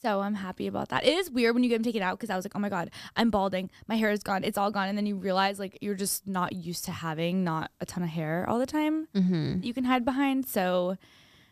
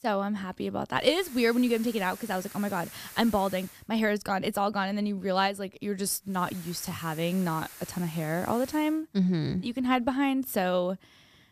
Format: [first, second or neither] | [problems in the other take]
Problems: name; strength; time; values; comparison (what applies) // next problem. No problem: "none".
first | hiss; noticeable; from 1 to 3.5 s and from 6.5 to 9 s; 15 dB below the speech